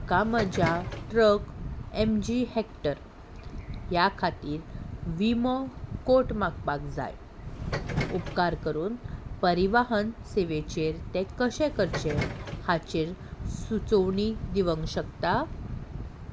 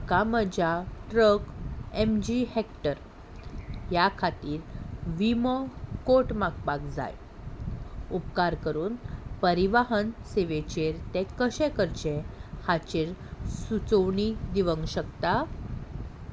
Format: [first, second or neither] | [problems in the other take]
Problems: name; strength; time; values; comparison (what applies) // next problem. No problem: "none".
second | background sound (Subway, metro, underground); 7 dB below the speech